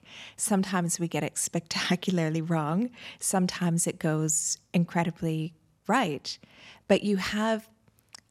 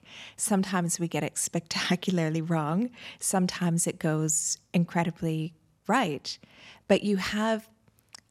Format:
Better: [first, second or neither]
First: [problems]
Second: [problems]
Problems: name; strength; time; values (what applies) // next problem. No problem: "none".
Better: neither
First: none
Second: none